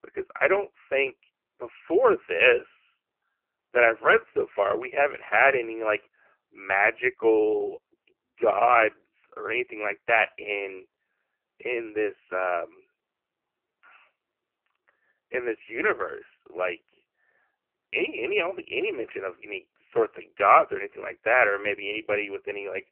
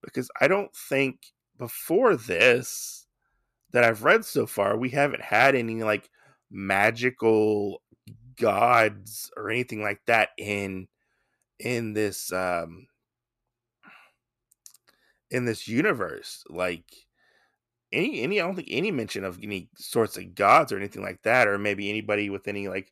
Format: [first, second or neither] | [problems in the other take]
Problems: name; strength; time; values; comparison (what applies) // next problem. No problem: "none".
second | phone-call audio; poor line; nothing above 3 kHz